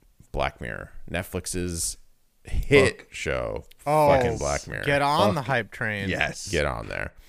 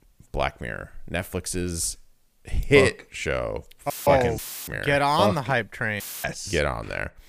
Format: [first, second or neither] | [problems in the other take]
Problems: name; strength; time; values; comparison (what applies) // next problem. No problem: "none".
first | audio cutting out; filled with static; at 4 s, at 4.5 s and at 6 s